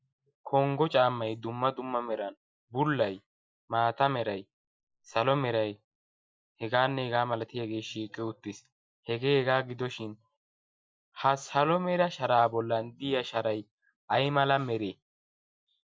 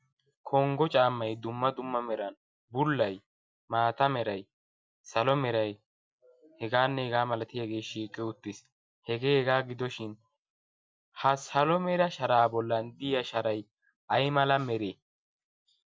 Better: second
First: noise reduction (neural mask model Resemble Enhance denoiser)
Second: none

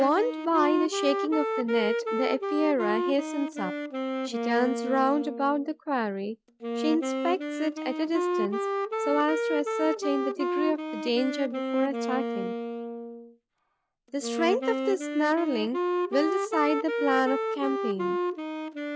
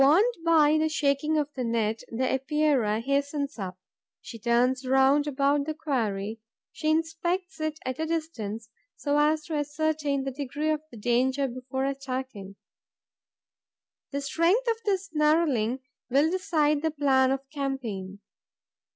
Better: second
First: background sound (Wind instrument, woodwind instrument); 2 dB below the speech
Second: none

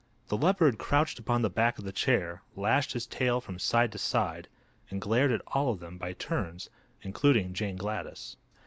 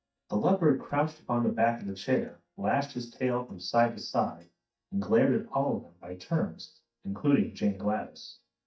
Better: first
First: none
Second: noise reduction (neural mask model DeepFilterNet 3)

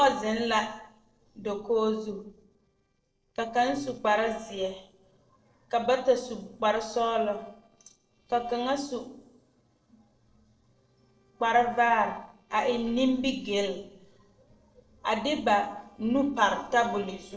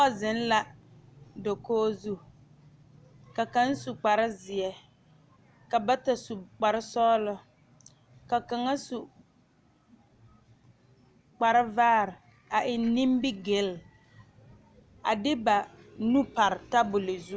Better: second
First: noise reduction (neural separator model SepFormer DNS4)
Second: none

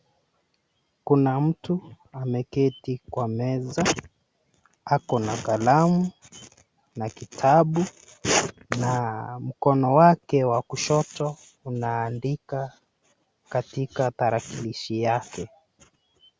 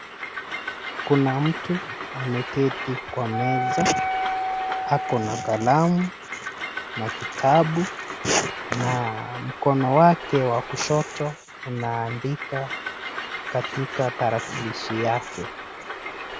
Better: first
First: none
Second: background sound (Train + Wind instrument, woodwind instrument); 6 dB below the speech

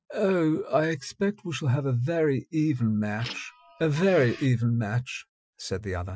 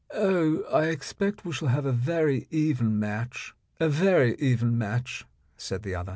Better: second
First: noise reduction (classical method Wiener filter)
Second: none

